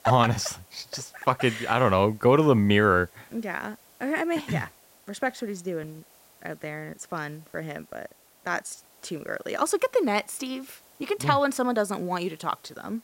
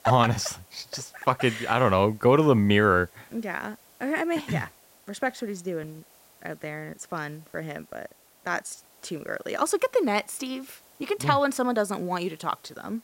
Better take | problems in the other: neither | hiss; faint; throughout; 30 dB below the speech; the same in both

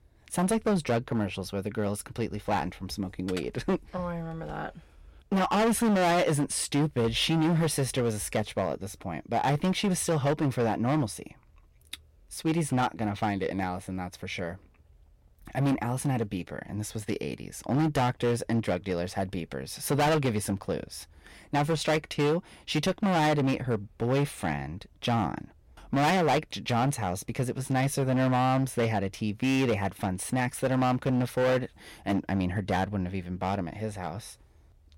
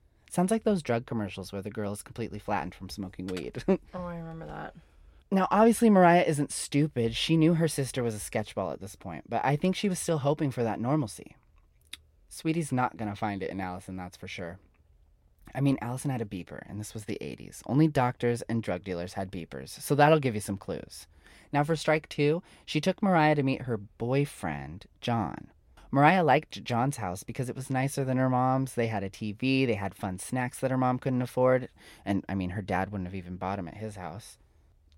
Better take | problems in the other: second | distortion; heavy; 10% of the sound clipped

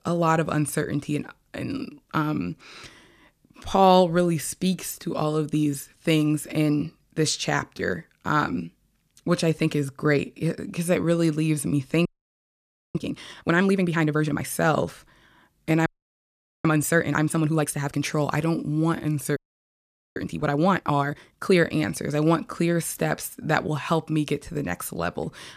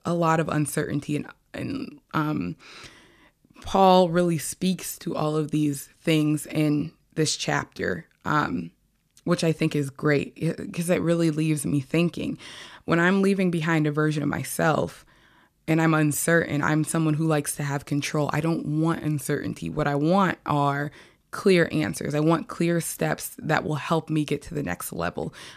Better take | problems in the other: second | audio freezing; at 12 s for 1 s, at 16 s for 1 s and at 19 s for 1 s

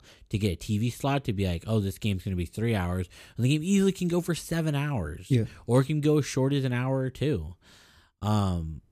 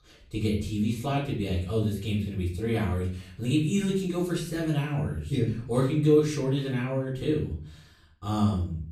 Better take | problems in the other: first | off-mic speech; far // room echo; slight; dies away in 0.4 s

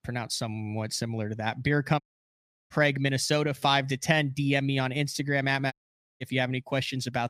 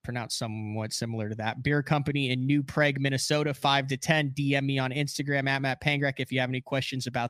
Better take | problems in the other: second | audio cutting out; at 2 s for 0.5 s and at 5.5 s

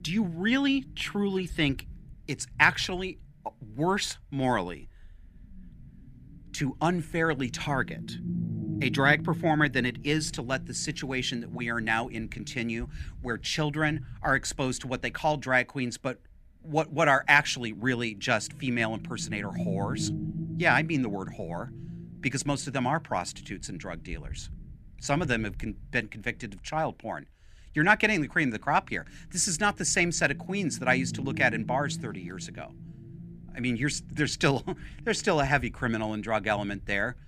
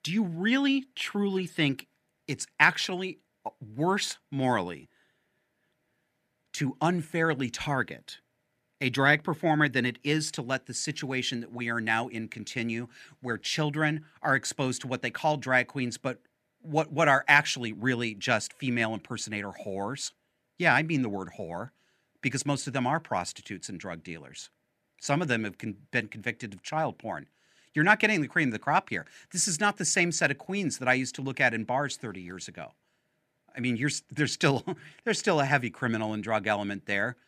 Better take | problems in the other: second | low rumble; faint; throughout; 20 dB below the speech

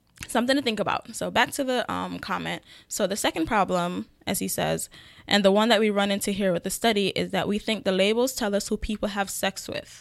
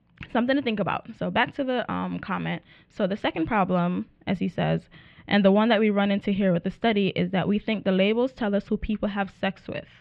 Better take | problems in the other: first | muffled; very; fading above 2.5 kHz

